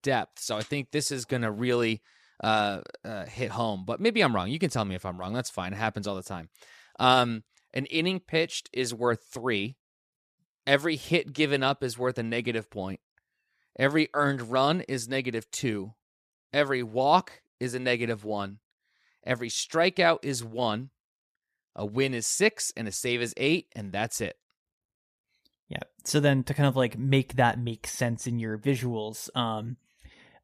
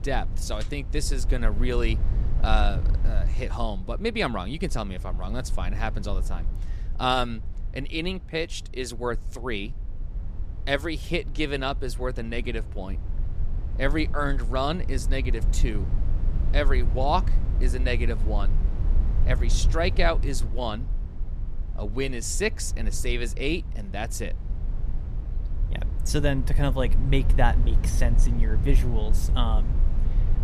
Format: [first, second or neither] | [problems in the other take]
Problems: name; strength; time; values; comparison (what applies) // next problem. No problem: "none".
first | low rumble; noticeable; throughout; 15 dB below the speech